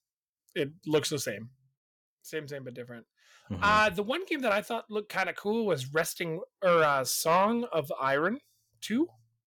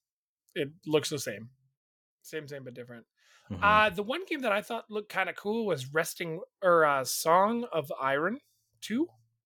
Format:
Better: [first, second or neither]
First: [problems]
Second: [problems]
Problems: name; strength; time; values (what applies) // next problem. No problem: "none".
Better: second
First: distortion; slight; 10 dB below the speech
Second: none